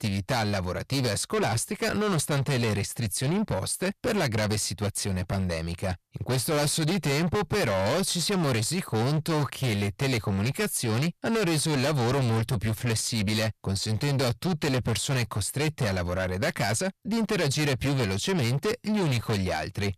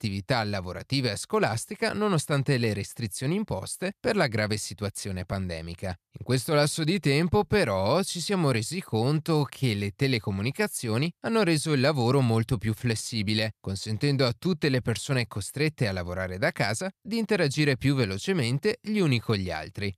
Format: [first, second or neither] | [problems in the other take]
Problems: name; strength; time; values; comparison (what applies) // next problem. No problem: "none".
second | distortion; heavy; 5 dB below the speech